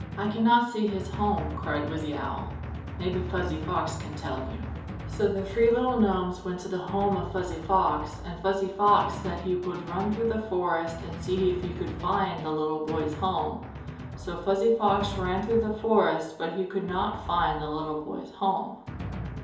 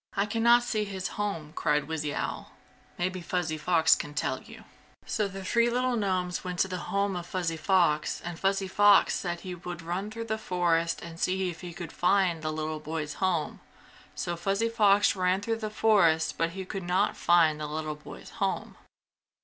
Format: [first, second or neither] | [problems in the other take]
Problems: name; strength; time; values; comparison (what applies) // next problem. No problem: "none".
second | background sound (Drum); 10 dB below the speech // room echo; dies away in 2.8 s